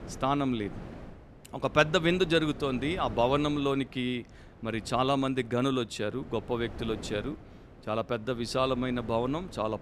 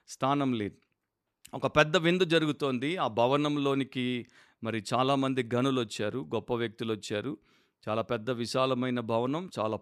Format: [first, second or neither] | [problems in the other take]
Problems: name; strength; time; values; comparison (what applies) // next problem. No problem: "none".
second | wind noise on the microphone; occasional gusts; 20 dB below the speech